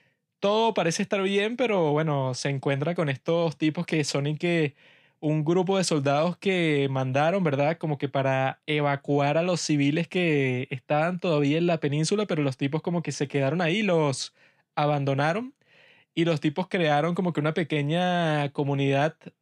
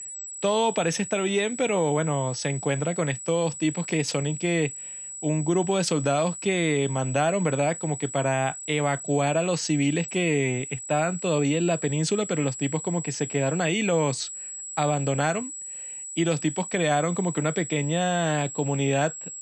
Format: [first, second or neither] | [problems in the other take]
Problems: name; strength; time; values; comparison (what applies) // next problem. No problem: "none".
first | high-pitched whine; loud; throughout; 8 kHz, 9 dB below the speech